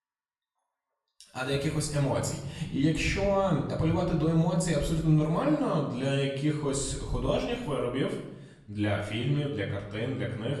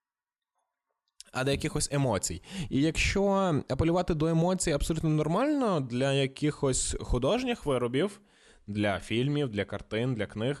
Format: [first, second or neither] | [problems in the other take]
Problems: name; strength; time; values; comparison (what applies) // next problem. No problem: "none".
second | off-mic speech; far // room echo; slight; dies away in 0.7 s